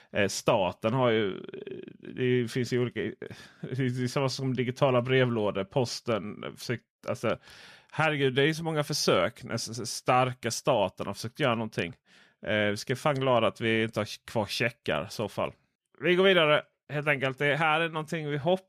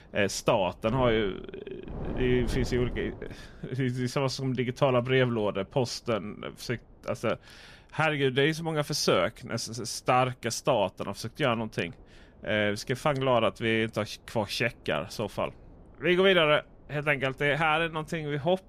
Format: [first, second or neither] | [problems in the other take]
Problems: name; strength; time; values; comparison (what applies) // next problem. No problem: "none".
first | wind noise on the microphone; occasional gusts; 20 dB below the speech